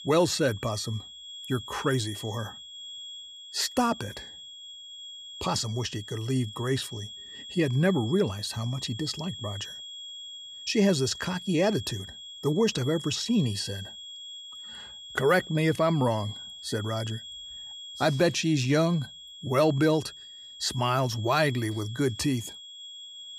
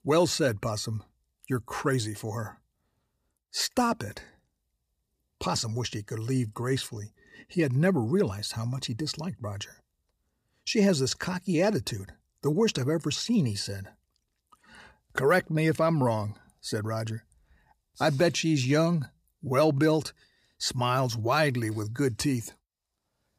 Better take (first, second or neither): second